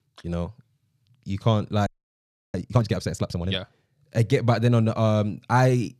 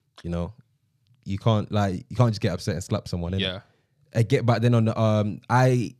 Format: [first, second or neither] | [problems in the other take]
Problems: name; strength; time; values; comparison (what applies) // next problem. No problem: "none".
second | audio freezing; at 2 s for 0.5 s